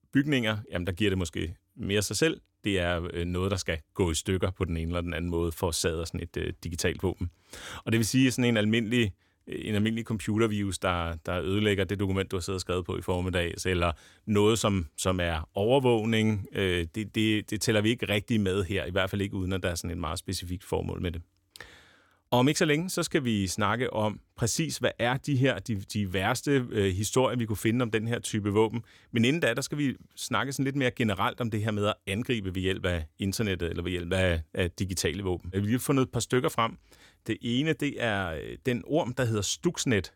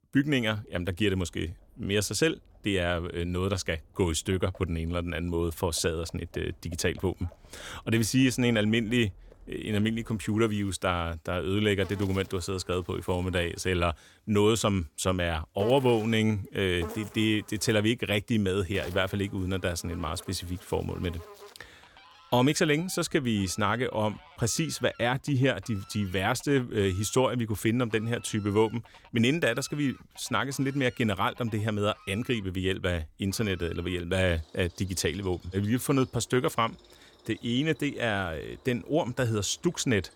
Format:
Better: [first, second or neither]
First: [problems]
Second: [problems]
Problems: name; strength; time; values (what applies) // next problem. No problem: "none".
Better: first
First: none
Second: animal sounds; faint; throughout; 25 dB below the speech